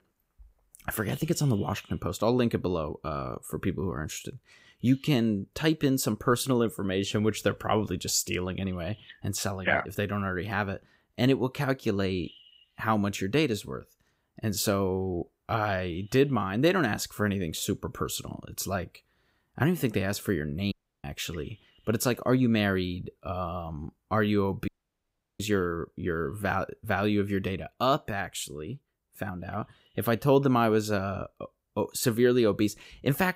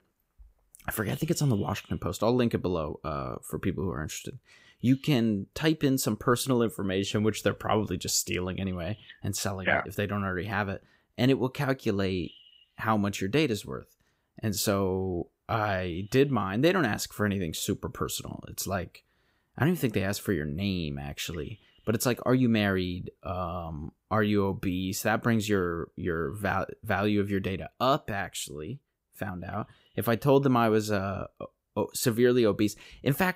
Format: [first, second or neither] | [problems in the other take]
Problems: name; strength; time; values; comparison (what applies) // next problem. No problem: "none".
second | audio cutting out; at 21 s and at 25 s for 0.5 s